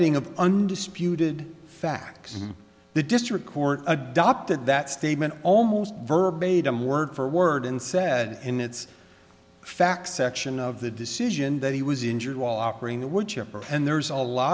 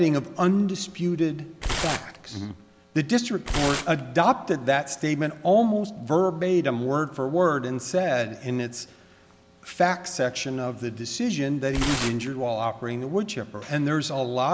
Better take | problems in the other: first | background sound (Tearing); 7 dB below the speech

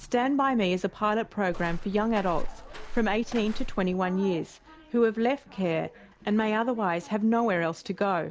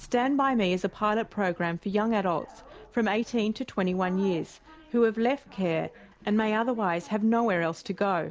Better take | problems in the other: second | background sound (Walk, footsteps); 5 dB below the speech

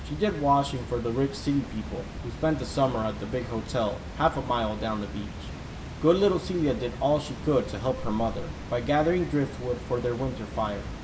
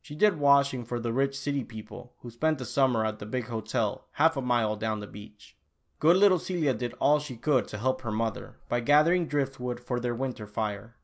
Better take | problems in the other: second | background sound (Water); 10 dB below the speech // room echo; dies away in 0.7 s

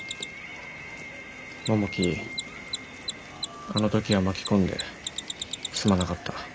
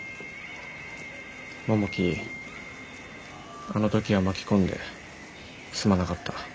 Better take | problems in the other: second | background sound (Mechanisms); 11 dB below the speech

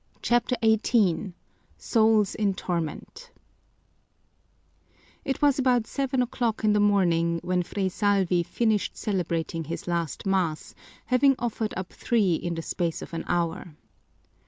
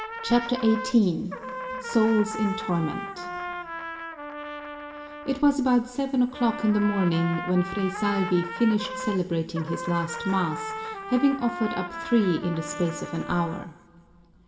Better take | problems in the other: first | background sound (Trumpet); 9 dB below the speech // room echo; dies away in 2.9 s

